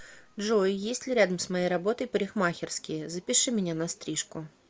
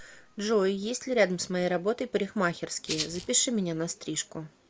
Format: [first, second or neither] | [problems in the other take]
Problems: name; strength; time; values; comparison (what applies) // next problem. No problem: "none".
first | background sound (Rattle (instrument)); 6 dB below the speech